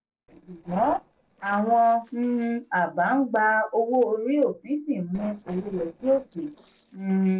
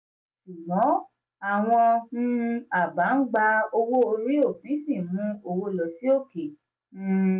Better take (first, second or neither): second